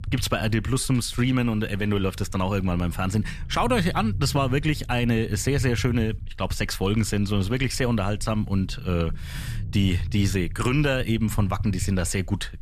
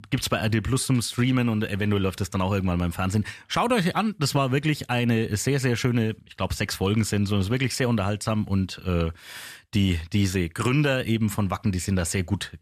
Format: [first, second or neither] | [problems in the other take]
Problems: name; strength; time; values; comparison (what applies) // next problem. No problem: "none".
second | low rumble; faint; throughout; 20 dB below the speech